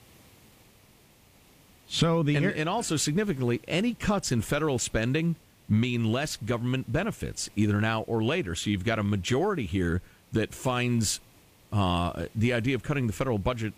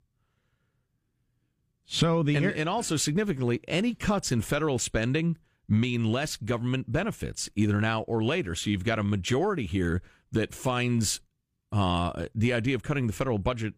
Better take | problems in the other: second | hiss; faint; throughout; 30 dB below the speech

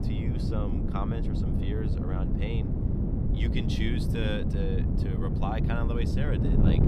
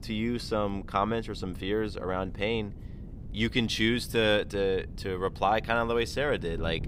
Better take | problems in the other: second | wind noise on the microphone; heavy; as loud as the speech; occasional gusts in the second

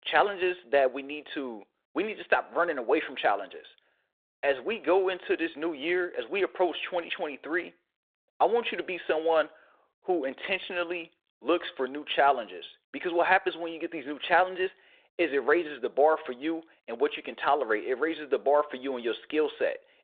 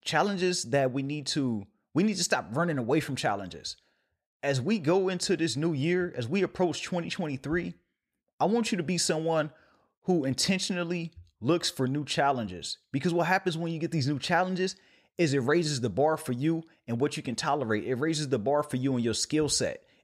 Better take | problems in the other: second | phone-call audio; nothing above 3.5 kHz

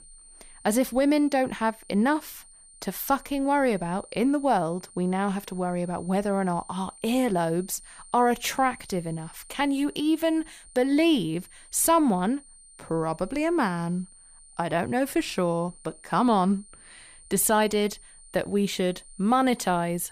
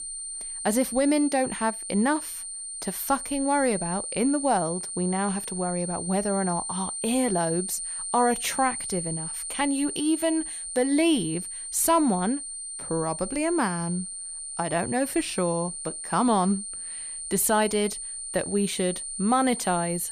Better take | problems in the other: first | high-pitched whine; loud; throughout; 9 kHz, 6 dB below the speech; faint in the first

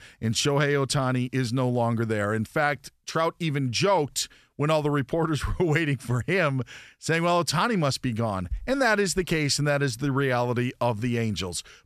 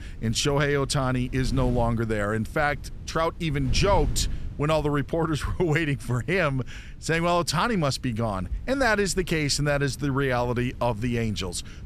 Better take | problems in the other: first | wind noise on the microphone; occasional gusts; 25 dB below the speech

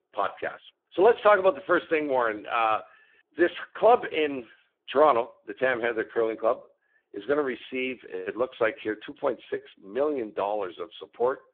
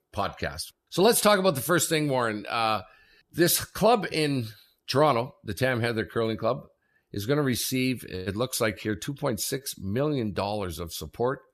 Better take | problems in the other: second | phone-call audio; poor line

